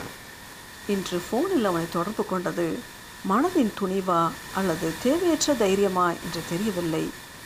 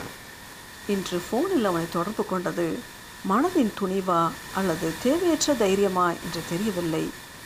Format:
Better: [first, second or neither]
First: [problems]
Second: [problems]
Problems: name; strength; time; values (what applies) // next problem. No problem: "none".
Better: neither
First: hiss; noticeable; throughout; 10 dB below the speech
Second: hiss; noticeable; throughout; 10 dB below the speech